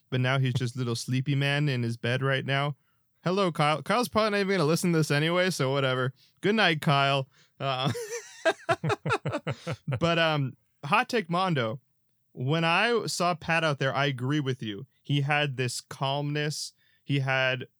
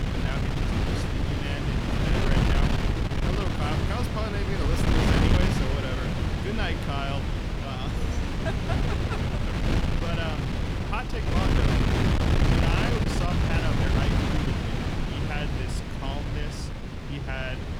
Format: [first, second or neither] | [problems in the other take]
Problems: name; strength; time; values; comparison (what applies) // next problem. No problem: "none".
first | wind noise on the microphone; heavy; 4 dB above the speech